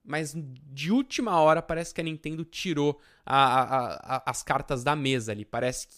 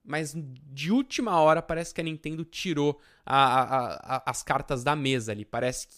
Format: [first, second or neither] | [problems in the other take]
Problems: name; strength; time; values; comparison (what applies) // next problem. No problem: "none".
neither | none